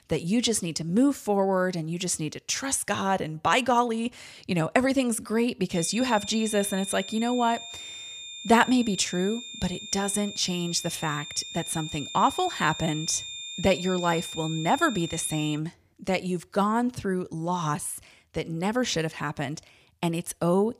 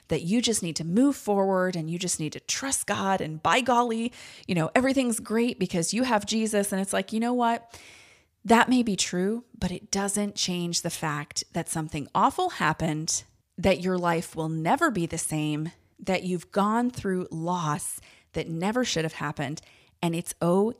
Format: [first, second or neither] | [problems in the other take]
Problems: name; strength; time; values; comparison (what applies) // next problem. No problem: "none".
second | high-pitched whine; loud; from 6 to 16 s; 3.5 kHz, 10 dB below the speech